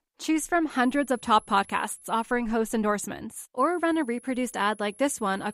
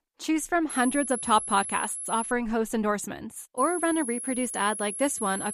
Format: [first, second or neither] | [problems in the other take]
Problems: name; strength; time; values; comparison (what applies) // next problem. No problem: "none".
first | high-pitched whine; loud; from 0.5 to 2.5 s and from 3.5 s on; 10.5 kHz, 6 dB below the speech; faint in the first